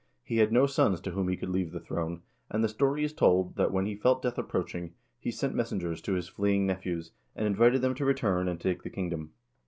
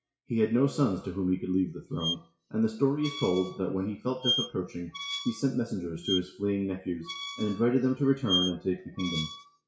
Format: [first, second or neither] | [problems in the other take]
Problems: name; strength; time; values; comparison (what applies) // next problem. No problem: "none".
first | noise reduction (classical method WPE with log-MMSE)